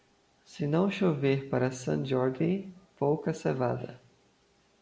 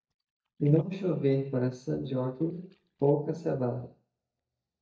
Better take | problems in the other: first | noise reduction (neural mask model DeepFilterNet 3)

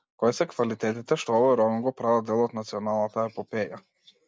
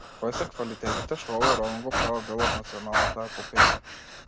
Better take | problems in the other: first | background sound (Breathing); 4 dB above the speech

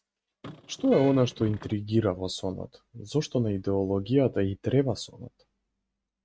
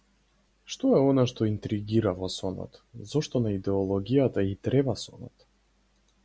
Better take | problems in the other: second | noise reduction (neural mask model RNNoise)

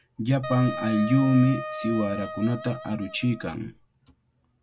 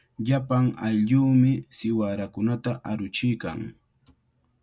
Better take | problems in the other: second | background sound (Wind instrument, woodwind instrument); 10 dB below the speech

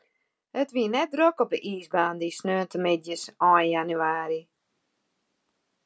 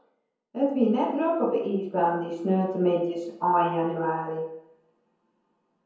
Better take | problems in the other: first | room echo; dies away in 0.9 s

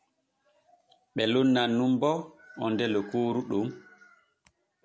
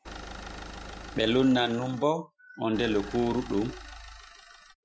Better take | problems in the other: first | noise reduction (classical method Wiener filter)

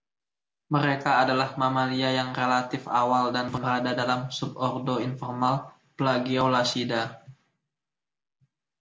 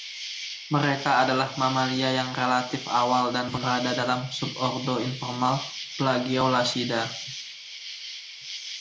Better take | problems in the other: first | background sound (Insect); 11 dB below the speech

